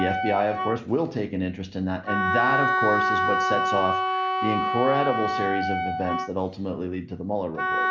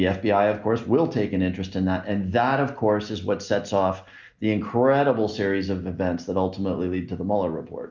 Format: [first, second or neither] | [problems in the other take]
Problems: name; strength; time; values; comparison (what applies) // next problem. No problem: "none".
second | background sound (Wind instrument, woodwind instrument); 1 dB above the speech